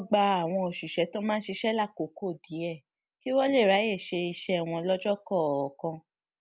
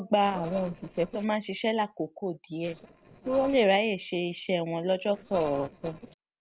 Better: first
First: none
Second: noise reduction (neural separator model SepFormer DNS4)

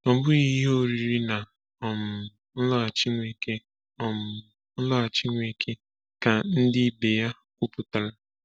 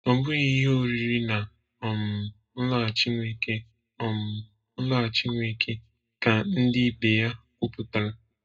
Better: first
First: none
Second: room echo; dies away in 0.2 s

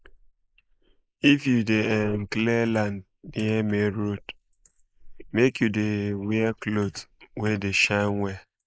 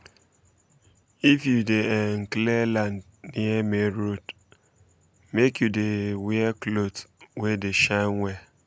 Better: second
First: noise reduction (neural mask model Resemble Enhance denoiser)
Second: none

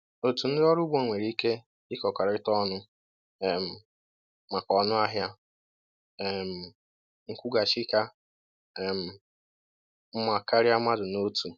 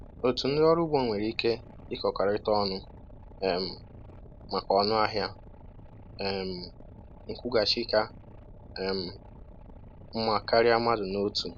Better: first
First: none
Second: background sound (Boat, Water vehicle); 17 dB below the speech

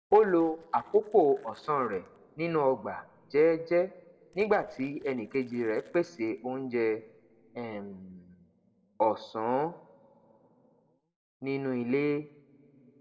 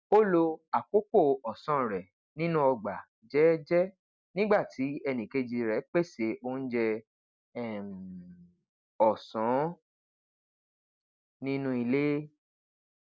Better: second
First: noise reduction (neural separator model SepFormer DNS4)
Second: none

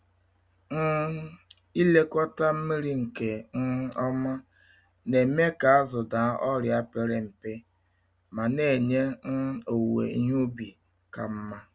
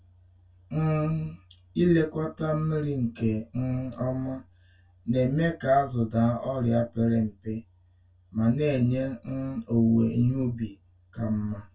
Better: first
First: none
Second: room echo; dies away in 0.1 s

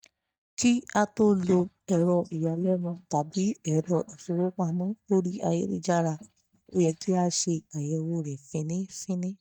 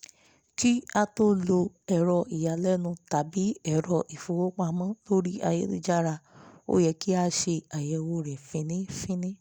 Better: second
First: noise reduction (neural mask model DeepFilterNet 3)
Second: none

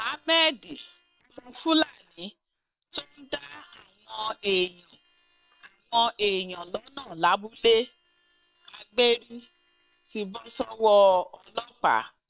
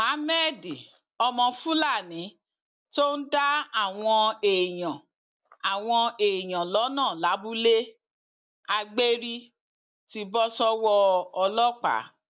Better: second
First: noise reduction (neural separator model SepFormer WHAM!)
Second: none

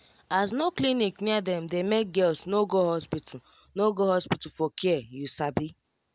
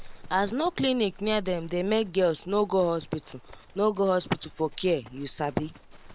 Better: first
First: none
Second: background sound (Livestock, farm animals, working animals); 17 dB below the speech

